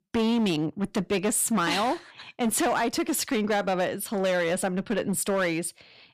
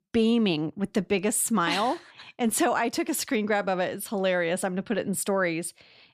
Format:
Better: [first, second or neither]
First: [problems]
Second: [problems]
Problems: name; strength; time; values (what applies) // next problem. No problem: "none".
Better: second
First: distortion; slight; 13% of the sound clipped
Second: none